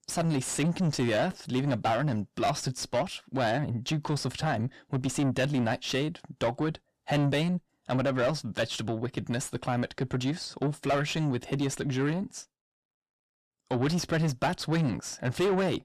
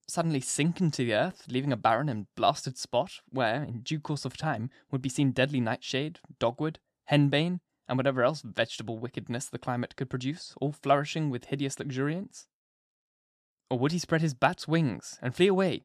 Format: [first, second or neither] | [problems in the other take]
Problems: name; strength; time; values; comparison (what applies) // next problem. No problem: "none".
second | distortion; heavy; 6 dB below the speech